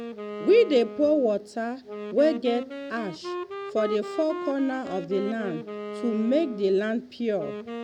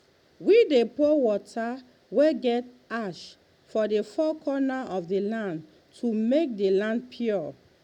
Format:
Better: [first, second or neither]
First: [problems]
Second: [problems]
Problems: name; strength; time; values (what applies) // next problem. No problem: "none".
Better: second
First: background sound (Wind instrument, woodwind instrument); 10 dB below the speech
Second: none